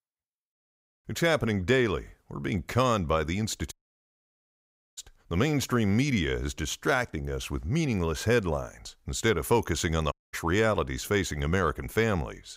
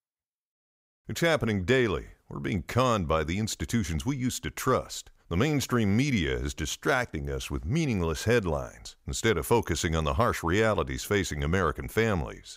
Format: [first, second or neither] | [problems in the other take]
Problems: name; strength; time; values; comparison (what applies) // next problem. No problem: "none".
second | audio cutting out; at 3.5 s for 1 s and at 10 s